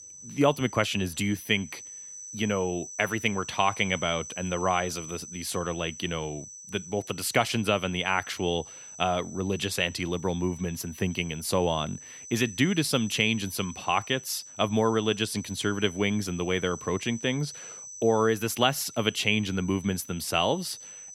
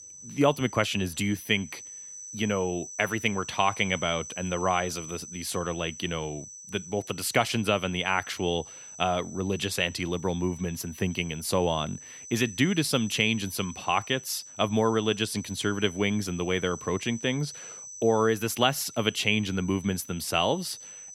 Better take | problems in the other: neither | high-pitched whine; noticeable; throughout; 6 kHz, 15 dB below the speech; the same in both

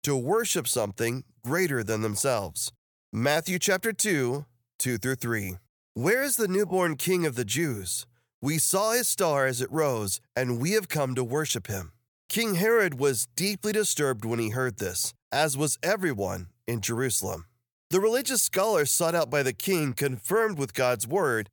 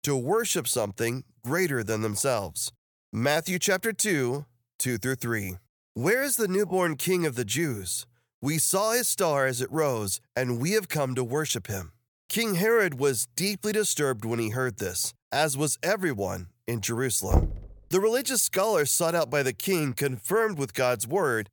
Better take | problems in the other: first | door banging; noticeable; at 17 s; peak level with the speech

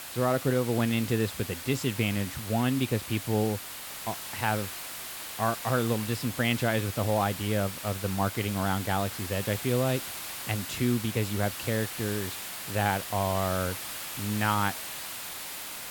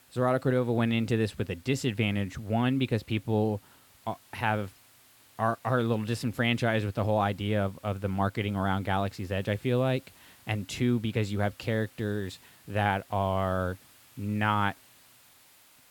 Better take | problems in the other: second | hiss; loud; throughout; 7 dB below the speech; faint in the second

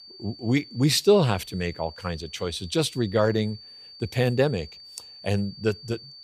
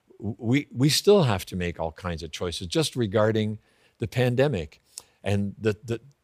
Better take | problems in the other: second | high-pitched whine; noticeable; throughout; 4.5 kHz, 20 dB below the speech

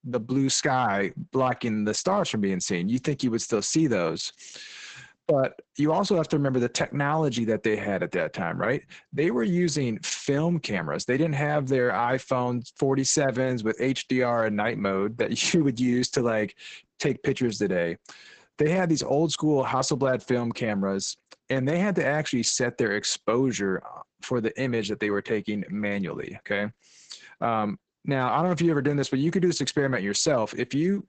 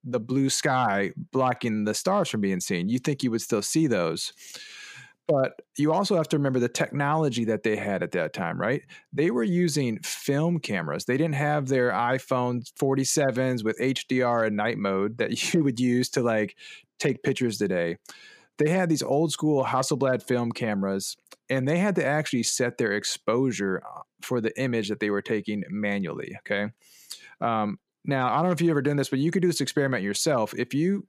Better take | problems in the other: second | garbled, watery; badly; nothing above 8 kHz

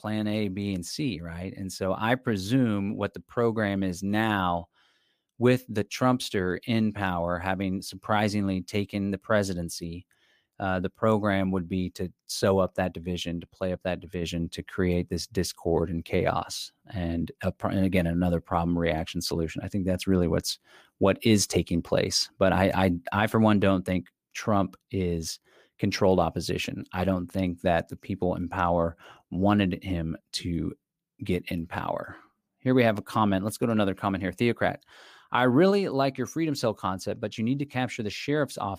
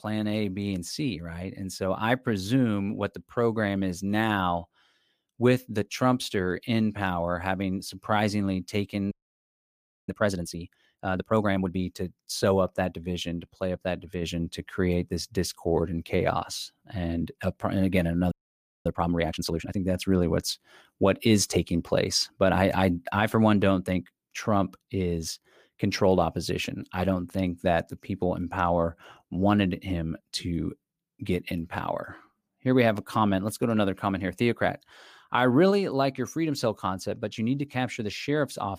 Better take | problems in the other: first | audio freezing; at 9 s for 1 s and at 18 s for 0.5 s

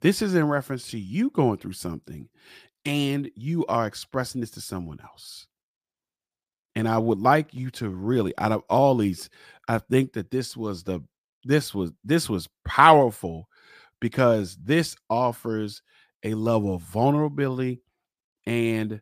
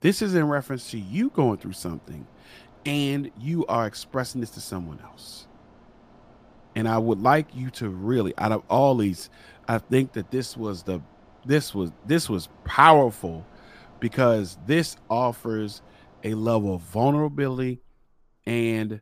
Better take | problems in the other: first | machinery noise; faint; throughout; 30 dB below the speech

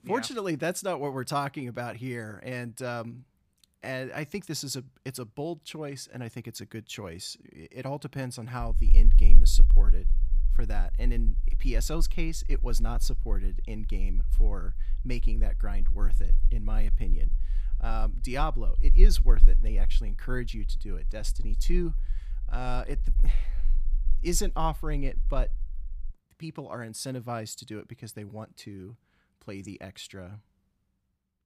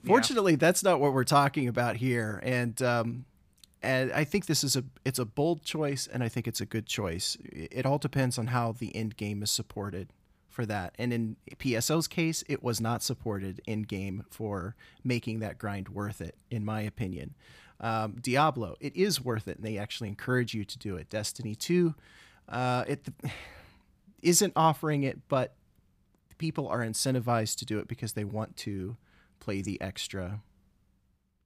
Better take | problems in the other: second | low rumble; noticeable; from 8.5 to 26 s; 20 dB below the speech

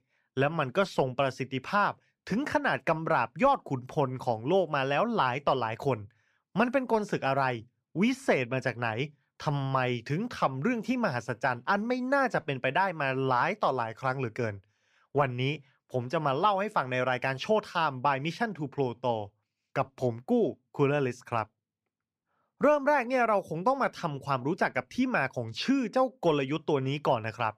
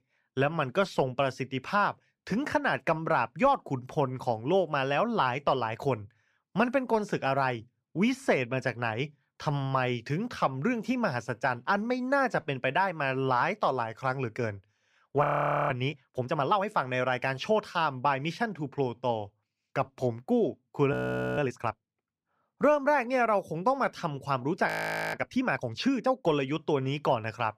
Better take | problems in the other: first | audio freezing; at 15 s, at 21 s and at 25 s

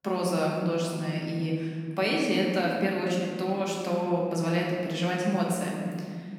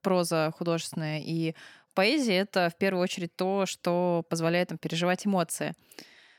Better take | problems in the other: second | room echo; noticeable; dies away in 2.6 s // off-mic speech; far

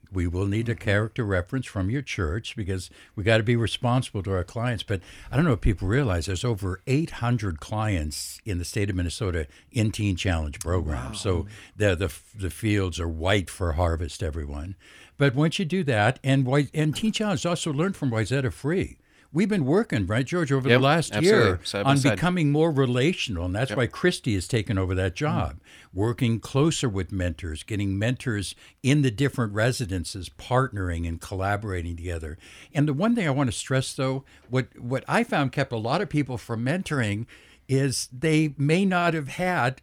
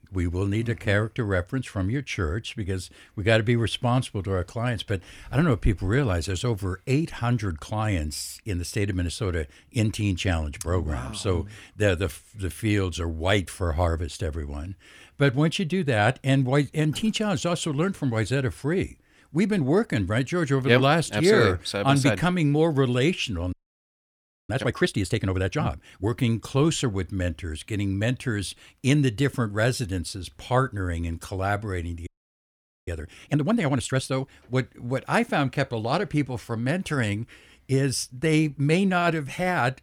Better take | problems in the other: first | audio freezing; at 24 s for 1 s and at 32 s for 1 s

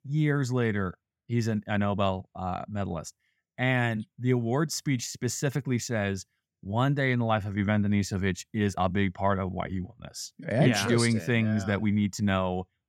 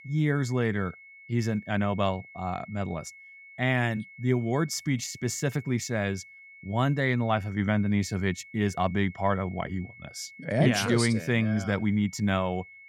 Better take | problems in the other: first | high-pitched whine; noticeable; throughout; 2 kHz, 20 dB below the speech

